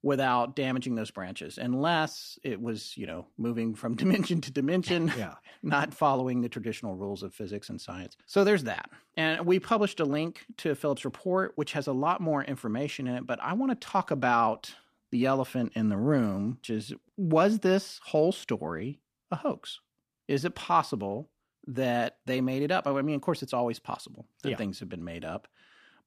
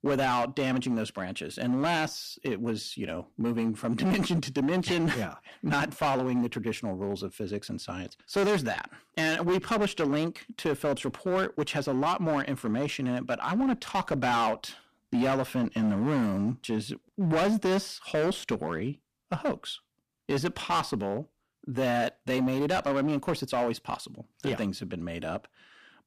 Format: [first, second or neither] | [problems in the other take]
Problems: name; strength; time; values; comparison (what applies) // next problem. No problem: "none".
first | distortion; heavy; 11% of the sound clipped